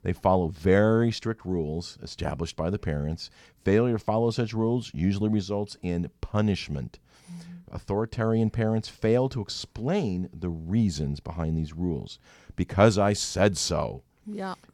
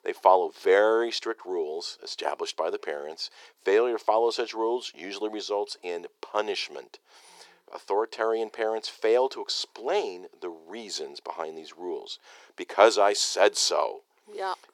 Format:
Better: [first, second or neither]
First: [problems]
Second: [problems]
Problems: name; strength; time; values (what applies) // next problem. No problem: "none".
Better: first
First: none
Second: thin; very; fading below 350 Hz